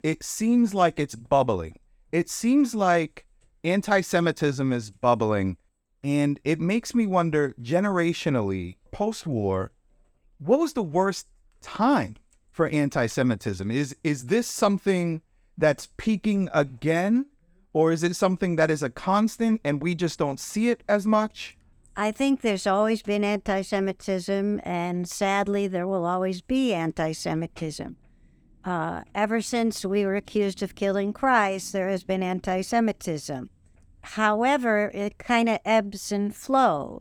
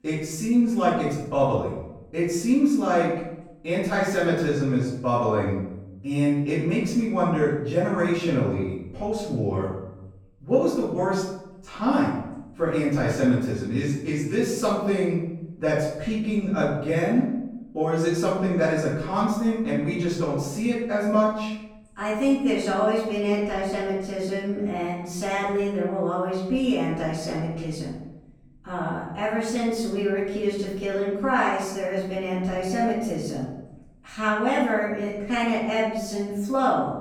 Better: first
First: none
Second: off-mic speech; far // room echo; noticeable; dies away in 0.8 s

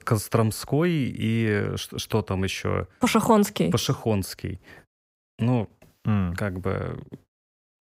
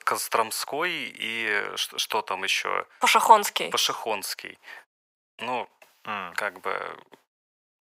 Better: first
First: none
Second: thin; very; fading below 850 Hz

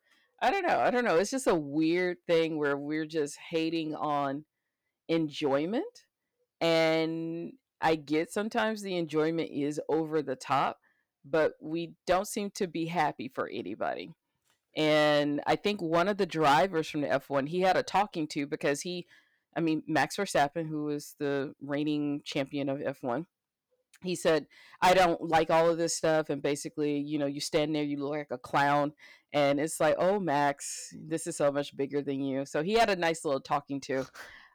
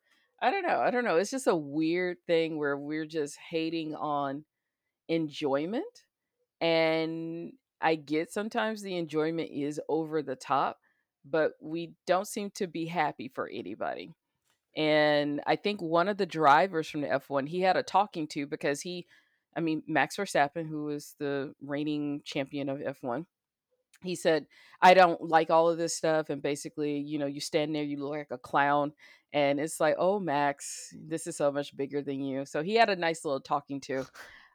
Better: second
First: distortion; slight; 3% of the sound clipped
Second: none

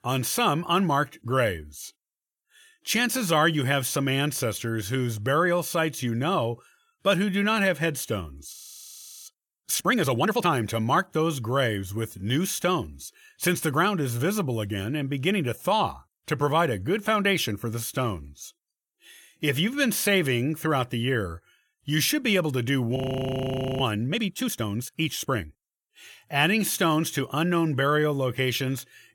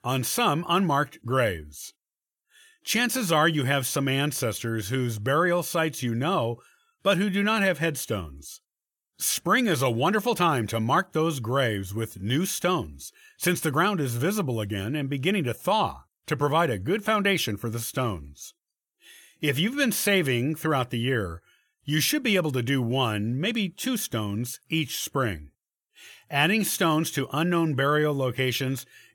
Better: second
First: audio freezing; at 8.5 s for 0.5 s and at 23 s for 1 s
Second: none

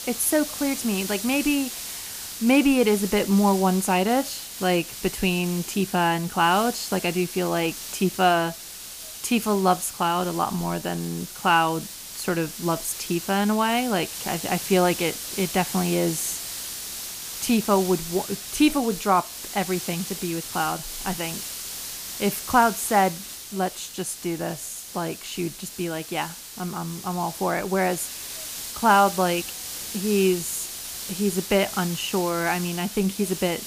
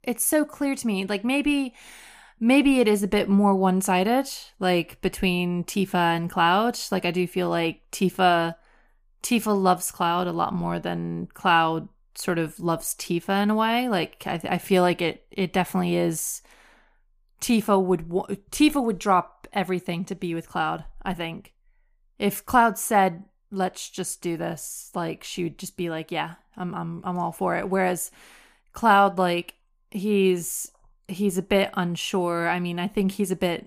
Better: second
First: hiss; loud; throughout; 8 dB below the speech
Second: none

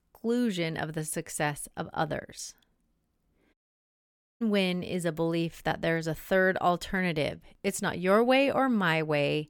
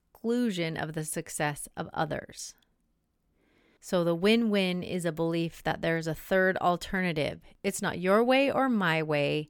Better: second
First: audio cutting out; at 3.5 s for 1 s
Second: none

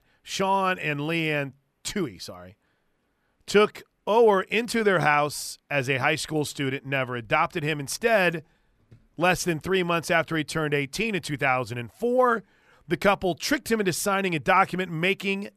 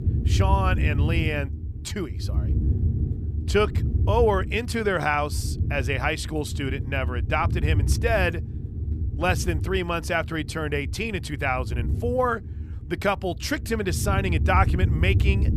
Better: first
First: none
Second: wind noise on the microphone; occasional gusts; 15 dB below the speech

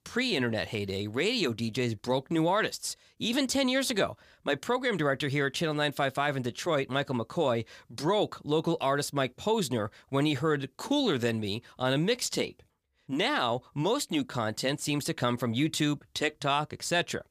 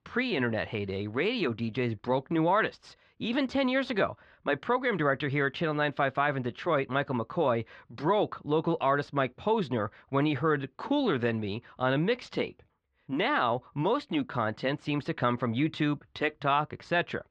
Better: first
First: none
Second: muffled; very; fading above 3 kHz

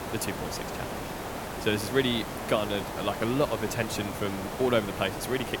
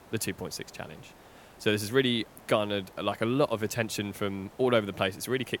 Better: second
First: hiss; loud; throughout; 6 dB below the speech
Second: hiss; faint; throughout; 25 dB below the speech

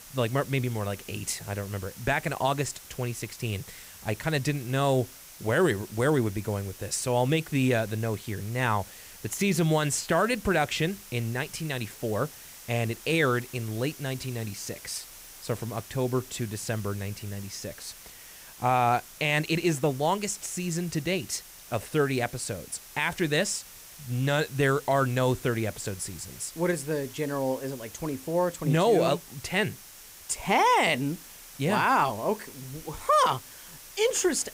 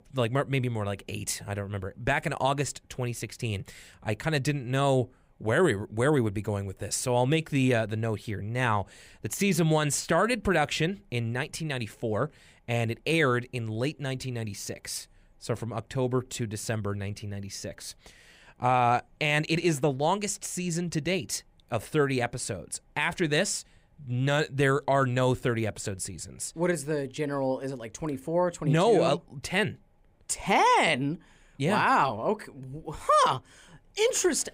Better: second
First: hiss; noticeable; throughout; 15 dB below the speech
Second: none

